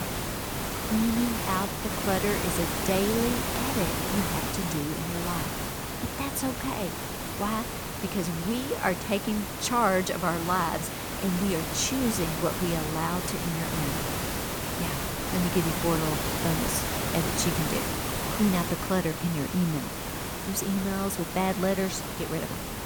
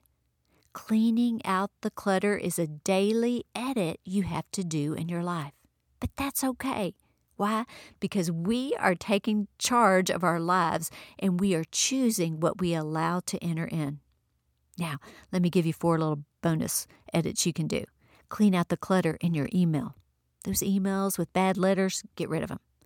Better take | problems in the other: second | hiss; loud; throughout; 1 dB below the speech

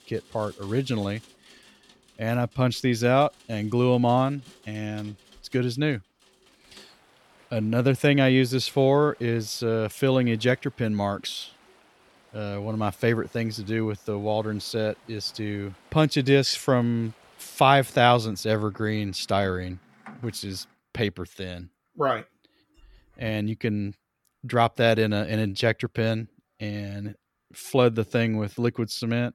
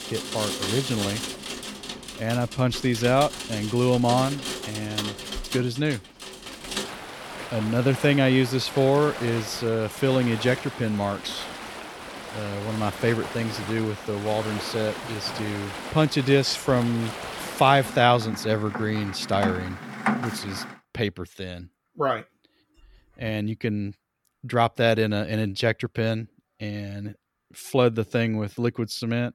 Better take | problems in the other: first | rain or running water; loud; until 21 s; 8 dB below the speech; faint in the first

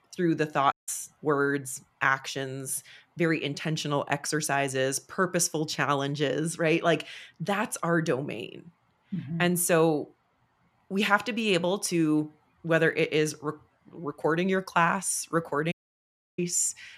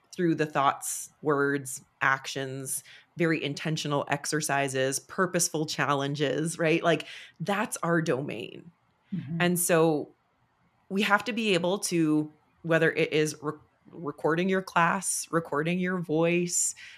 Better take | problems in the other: second | audio cutting out; at 0.5 s and at 16 s for 0.5 s

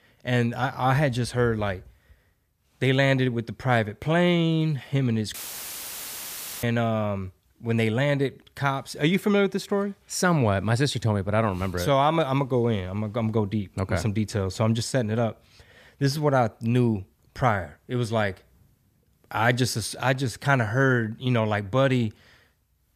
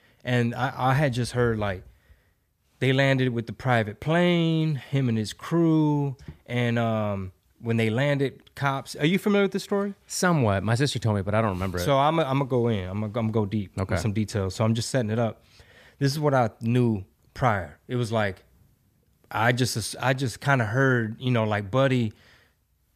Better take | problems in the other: second | audio cutting out; filled with static; at 5.5 s for 1.5 s

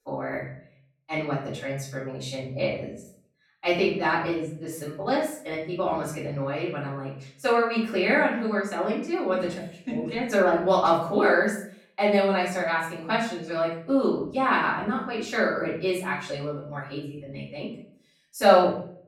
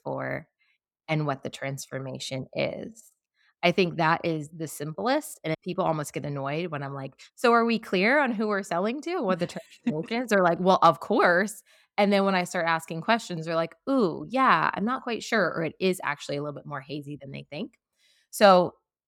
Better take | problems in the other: second | room echo; noticeable; dies away in 0.5 s // off-mic speech; far

